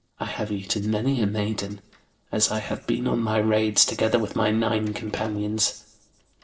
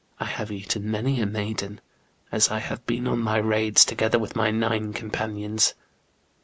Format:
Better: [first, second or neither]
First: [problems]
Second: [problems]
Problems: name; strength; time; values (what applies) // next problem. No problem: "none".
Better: second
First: noise reduction (neural separator model SepFormer DNS4)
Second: none